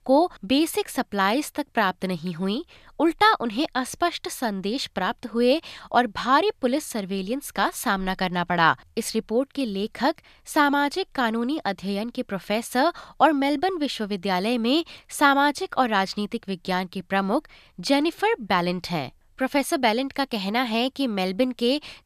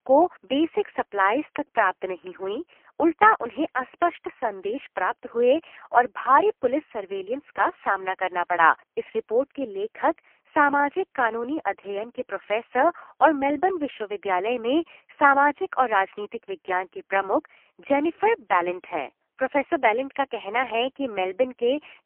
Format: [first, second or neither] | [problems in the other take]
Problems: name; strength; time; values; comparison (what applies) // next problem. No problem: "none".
first | phone-call audio; poor line; nothing above 3 kHz